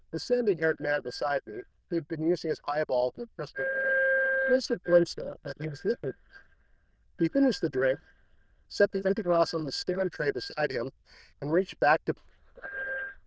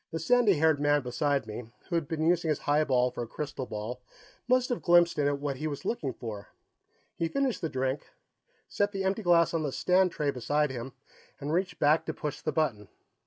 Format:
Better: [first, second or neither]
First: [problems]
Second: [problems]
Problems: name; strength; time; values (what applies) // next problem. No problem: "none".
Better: second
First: noise reduction (neural diffusion model UNIVERSE++)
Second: none